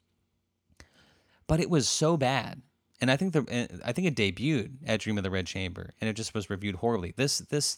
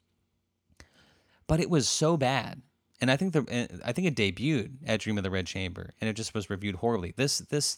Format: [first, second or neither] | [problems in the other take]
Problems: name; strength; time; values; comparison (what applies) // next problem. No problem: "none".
neither | none